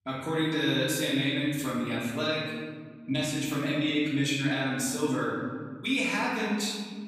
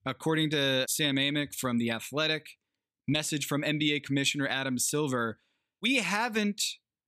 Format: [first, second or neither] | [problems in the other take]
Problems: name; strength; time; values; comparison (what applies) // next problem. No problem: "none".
second | room echo; noticeable; dies away in 1.7 s // off-mic speech; far